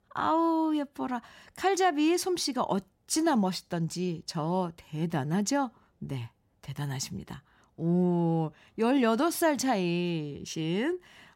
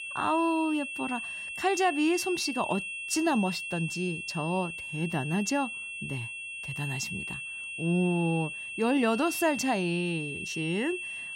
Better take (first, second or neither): first